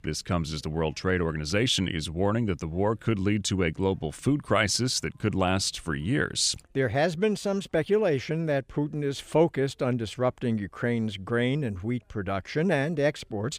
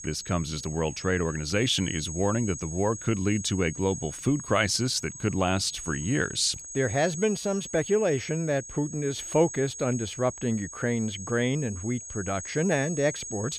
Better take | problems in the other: first | high-pitched whine; loud; throughout; 6.5 kHz, 10 dB below the speech

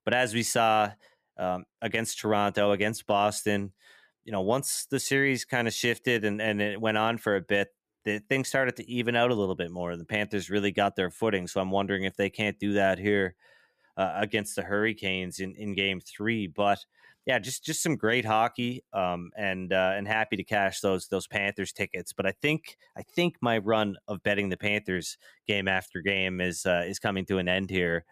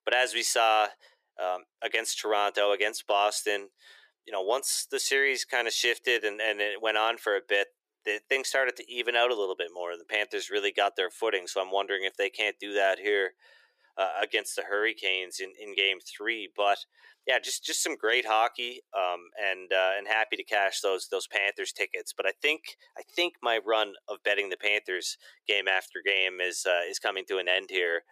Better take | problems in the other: first | thin; very; fading below 350 Hz

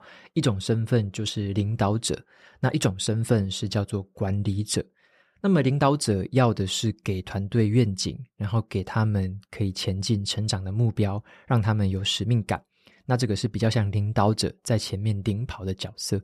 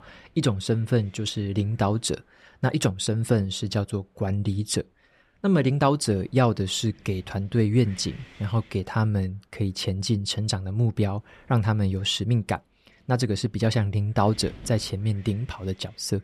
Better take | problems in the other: first | wind noise on the microphone; occasional gusts; 25 dB below the speech

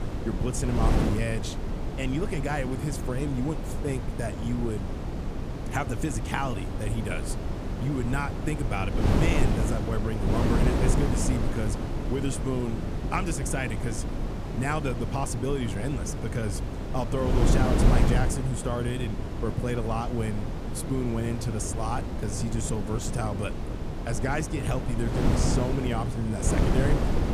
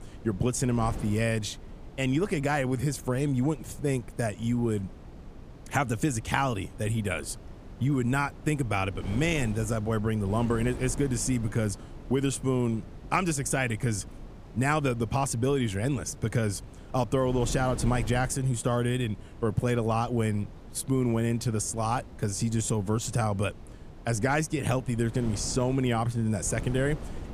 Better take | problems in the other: second | wind noise on the microphone; heavy; 2 dB below the speech; occasional gusts in the second

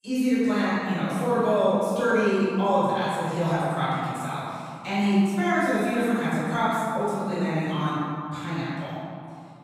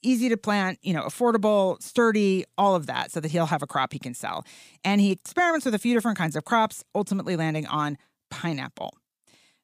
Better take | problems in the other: second | off-mic speech; far // room echo; strong; dies away in 2.4 s

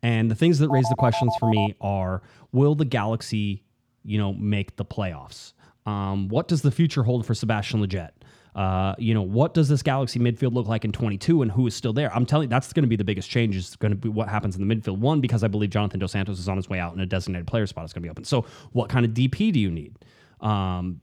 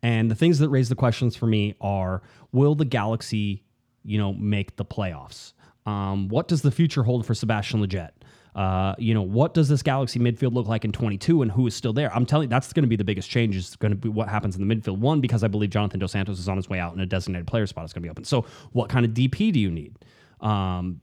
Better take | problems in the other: second | phone ringing; noticeable; at 0.5 s; peak 3 dB below the speech

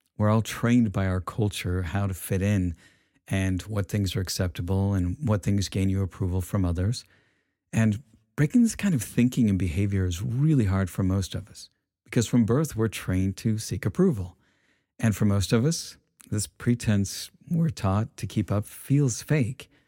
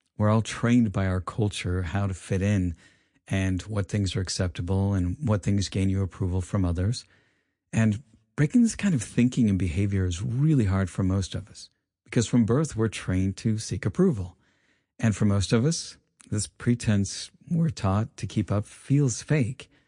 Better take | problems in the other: first | garbled, watery; slightly

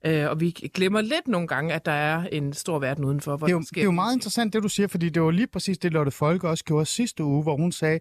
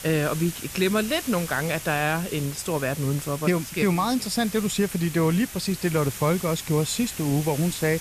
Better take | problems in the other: first | hiss; noticeable; throughout; 10 dB below the speech

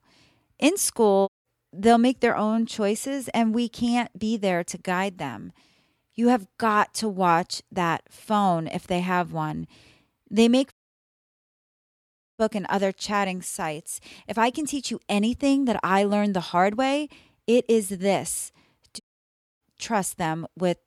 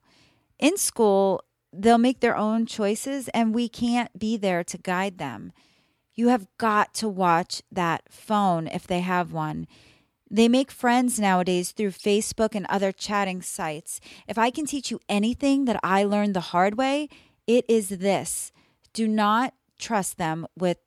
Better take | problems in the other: second | audio cutting out; at 1.5 s, at 11 s for 1.5 s and at 19 s for 0.5 s

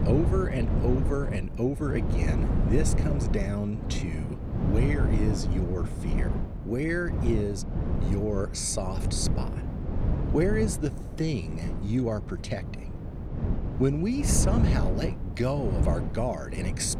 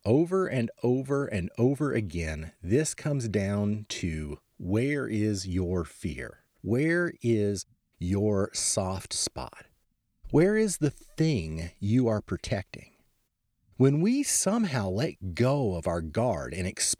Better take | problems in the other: second | wind noise on the microphone; heavy; 6 dB below the speech

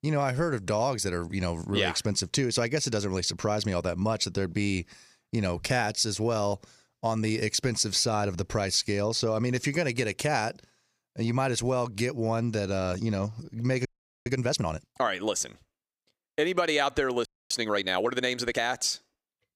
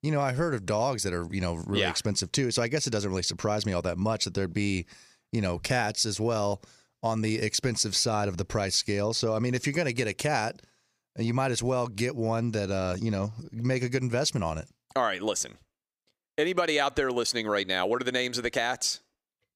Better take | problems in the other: second | audio freezing; at 14 s and at 17 s

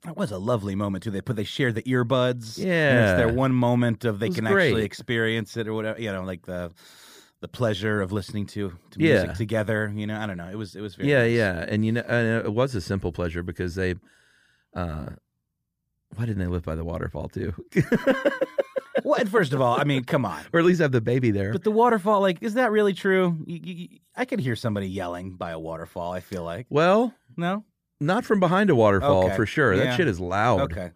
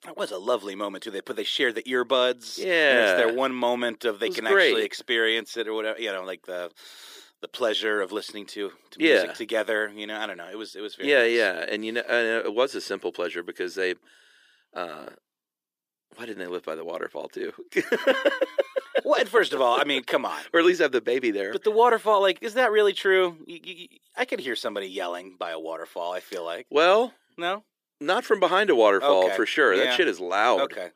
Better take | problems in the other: first | thin; somewhat; fading below 350 Hz

